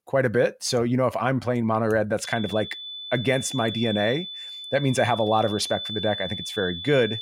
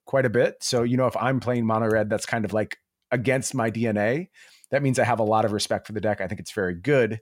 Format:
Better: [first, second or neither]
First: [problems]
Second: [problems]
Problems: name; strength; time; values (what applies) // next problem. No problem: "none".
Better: second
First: high-pitched whine; loud; from 2 s on; 3.5 kHz, 8 dB below the speech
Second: none